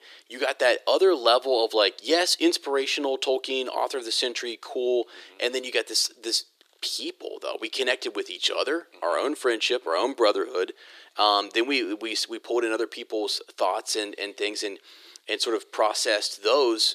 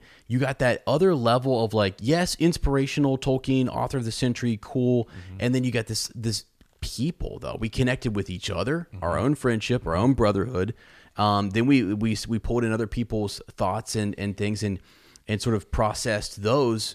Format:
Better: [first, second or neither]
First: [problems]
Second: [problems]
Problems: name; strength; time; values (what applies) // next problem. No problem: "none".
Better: second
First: thin; very; fading below 350 Hz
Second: none